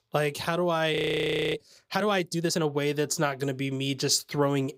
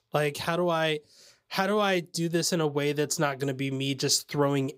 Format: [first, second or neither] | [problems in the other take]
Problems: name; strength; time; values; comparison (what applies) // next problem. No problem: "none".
second | audio freezing; at 1 s for 0.5 s